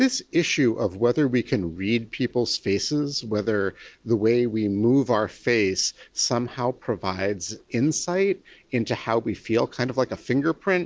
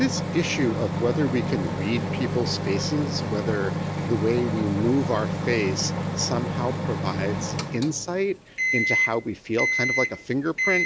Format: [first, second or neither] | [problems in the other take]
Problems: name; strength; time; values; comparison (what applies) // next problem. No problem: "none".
first | background sound (Microwave oven); 1 dB below the speech